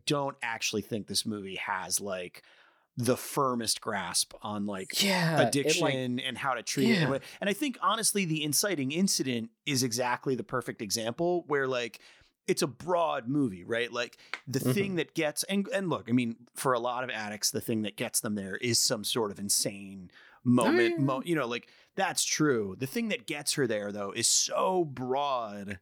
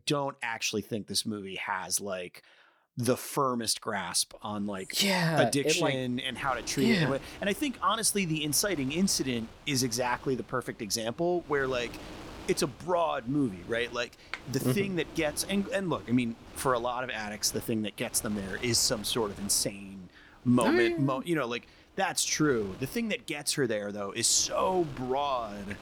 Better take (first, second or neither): first